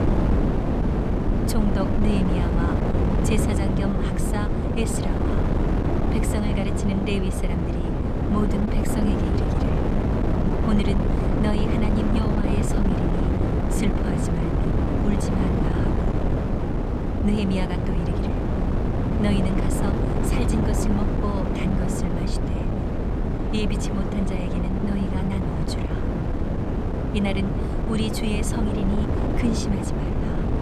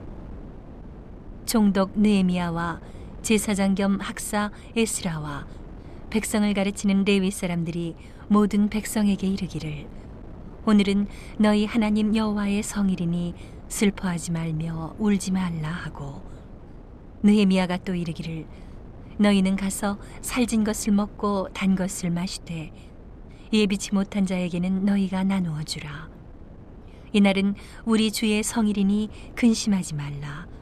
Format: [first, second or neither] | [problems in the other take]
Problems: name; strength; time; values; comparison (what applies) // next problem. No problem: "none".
second | wind noise on the microphone; heavy; 3 dB above the speech; occasional gusts in the second